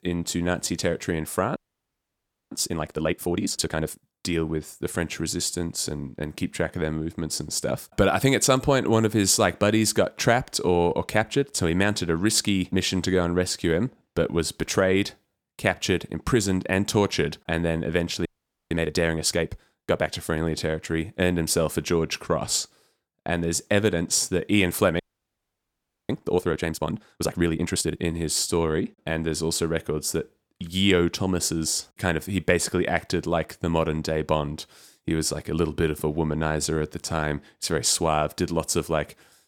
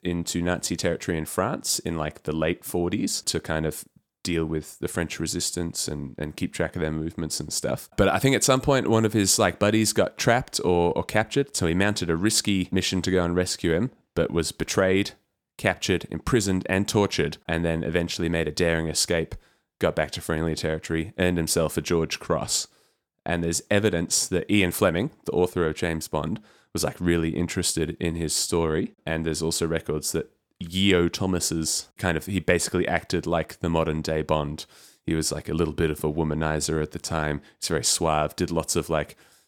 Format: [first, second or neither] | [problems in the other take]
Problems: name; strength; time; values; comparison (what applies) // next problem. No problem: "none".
second | audio freezing; at 1.5 s for 1 s, at 18 s and at 25 s for 1 s